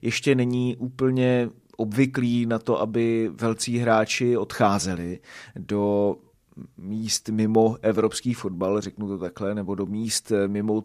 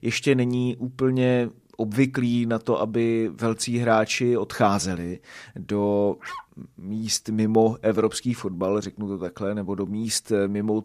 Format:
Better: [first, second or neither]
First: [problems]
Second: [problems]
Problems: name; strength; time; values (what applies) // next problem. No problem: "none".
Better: first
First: none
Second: dog barking; faint; at 6 s; peak 15 dB below the speech